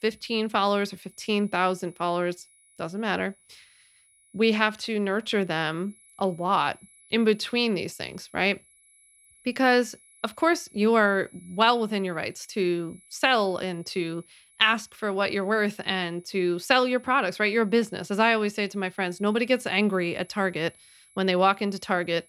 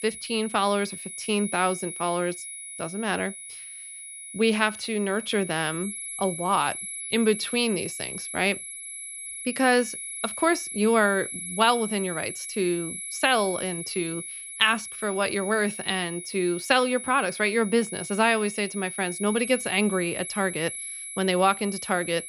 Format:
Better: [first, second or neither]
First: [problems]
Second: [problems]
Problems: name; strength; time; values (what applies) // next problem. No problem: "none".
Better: first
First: high-pitched whine; faint; throughout; 11 kHz, 30 dB below the speech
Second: high-pitched whine; loud; throughout; 11 kHz, 8 dB below the speech